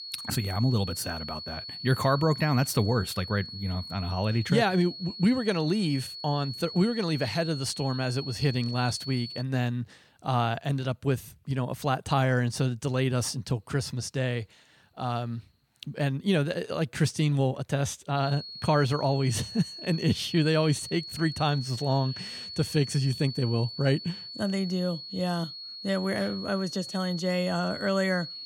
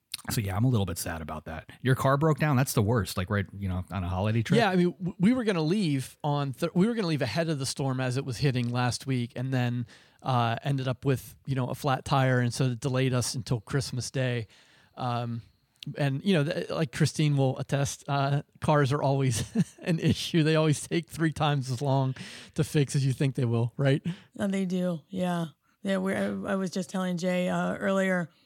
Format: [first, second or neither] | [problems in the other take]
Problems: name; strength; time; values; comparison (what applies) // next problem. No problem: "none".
second | high-pitched whine; loud; until 9.5 s and from 18 s on; 4.5 kHz, 10 dB below the speech